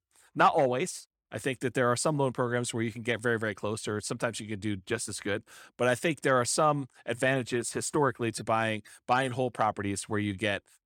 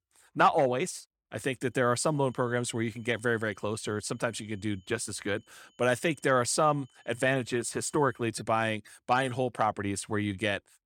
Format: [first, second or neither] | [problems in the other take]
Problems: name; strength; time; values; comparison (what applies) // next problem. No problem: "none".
first | high-pitched whine; faint; from 2 to 8 s; 3 kHz, 35 dB below the speech